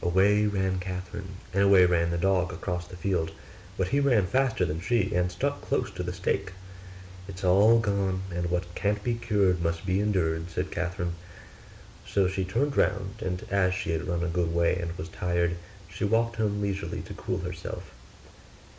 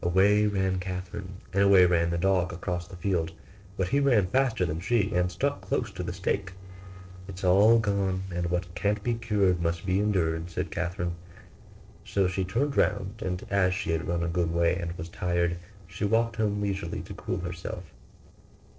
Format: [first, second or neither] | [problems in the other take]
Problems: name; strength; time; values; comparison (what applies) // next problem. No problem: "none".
first | noise reduction (neural separator model SepFormer DNS4)